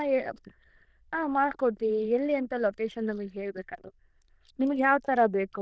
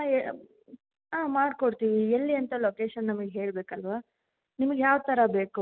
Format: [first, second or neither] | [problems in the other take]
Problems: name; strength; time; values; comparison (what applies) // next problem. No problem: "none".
second | noise reduction (neural diffusion model UNIVERSE++)